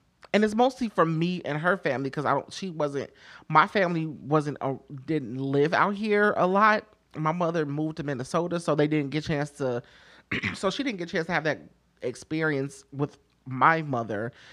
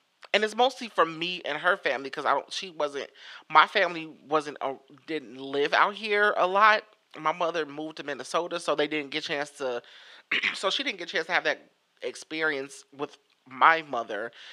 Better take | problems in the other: first | thin; somewhat; fading below 450 Hz

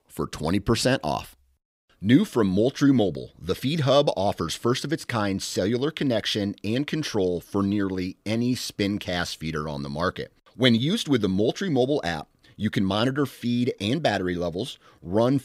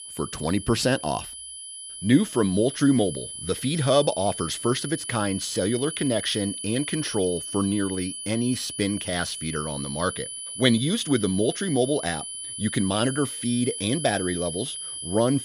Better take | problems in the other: first | high-pitched whine; loud; throughout; 10 kHz, 7 dB below the speech

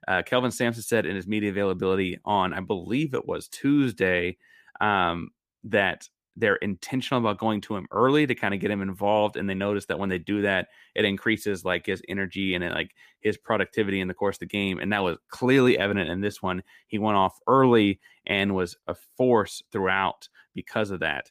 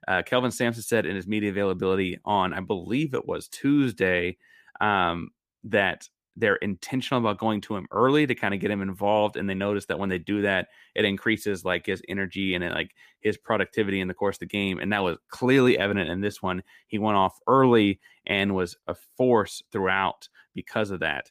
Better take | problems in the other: neither | none

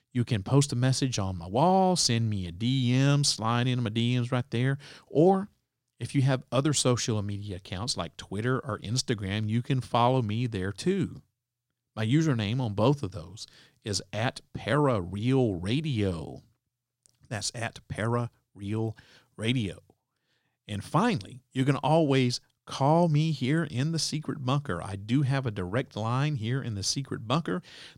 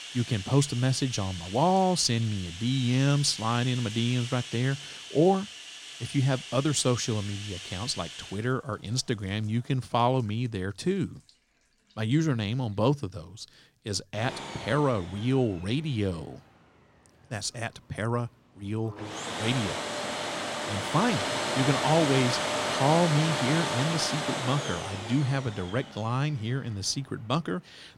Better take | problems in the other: first | household noises; loud; throughout; 5 dB below the speech

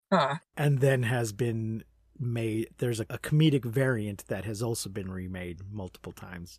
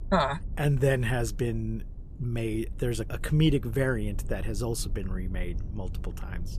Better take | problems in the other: first | low rumble; faint; throughout; 20 dB below the speech

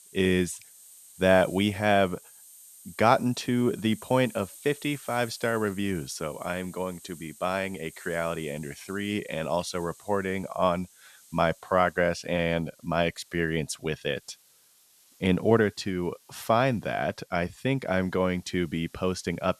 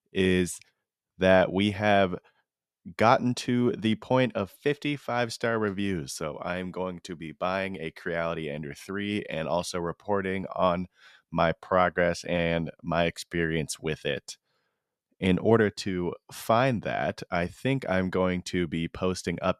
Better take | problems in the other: second | hiss; faint; throughout; 20 dB below the speech

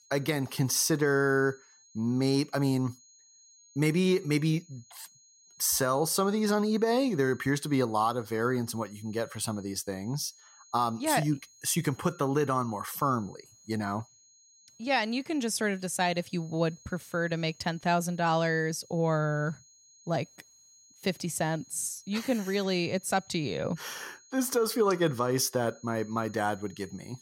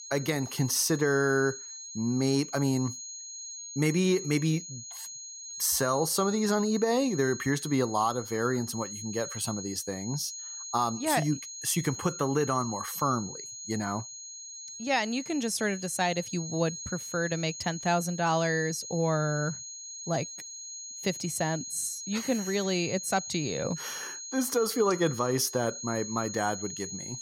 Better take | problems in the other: first | high-pitched whine; loud; throughout; 6.5 kHz, 9 dB below the speech; faint in the first

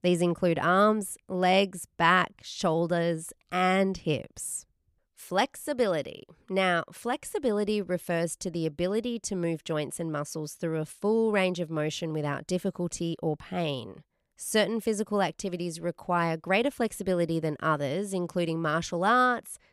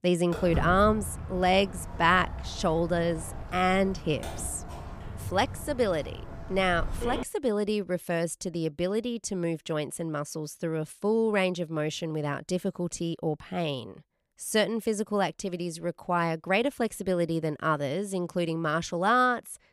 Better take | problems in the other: first | footsteps; noticeable; until 7 s; peak 4 dB below the speech

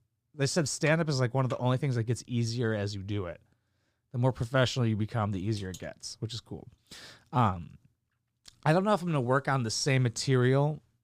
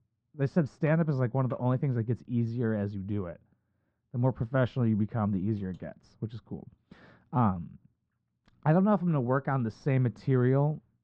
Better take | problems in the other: first | muffled; very; fading above 1.5 kHz

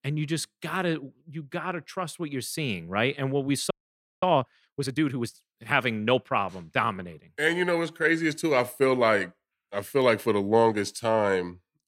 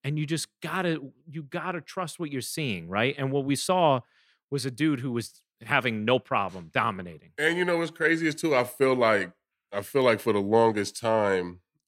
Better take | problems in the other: second | audio freezing; at 3.5 s for 0.5 s

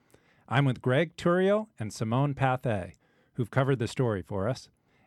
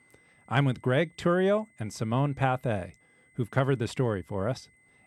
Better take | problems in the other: first | high-pitched whine; faint; throughout; 2 kHz, 35 dB below the speech

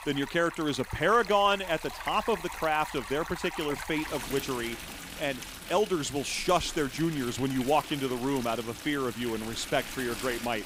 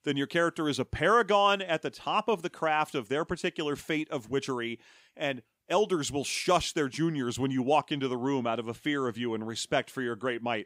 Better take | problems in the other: second | rain or running water; noticeable; throughout; 10 dB below the speech

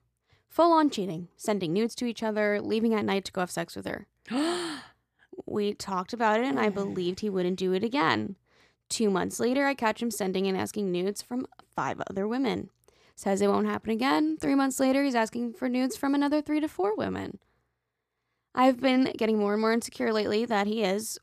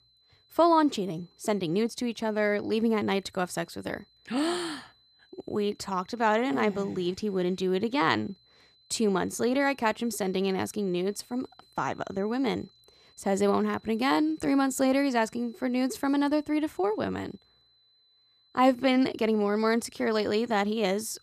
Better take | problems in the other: first | high-pitched whine; faint; throughout; 4 kHz, 35 dB below the speech

